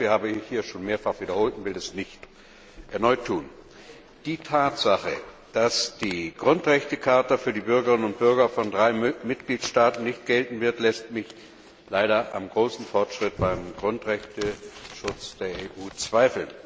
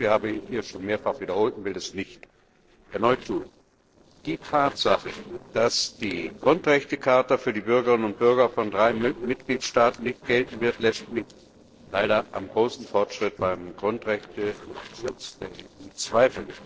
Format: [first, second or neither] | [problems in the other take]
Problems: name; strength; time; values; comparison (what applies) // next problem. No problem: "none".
first | noise reduction (neural separator model SepFormer DNS4)